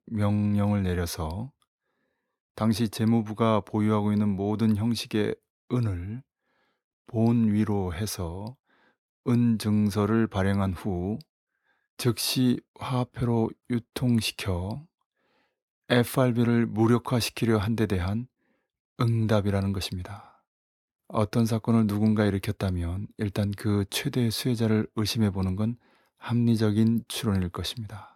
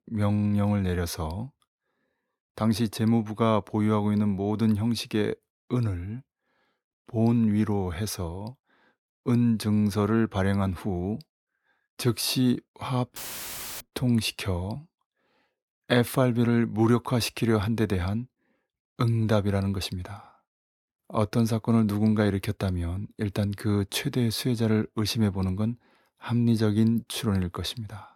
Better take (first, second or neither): first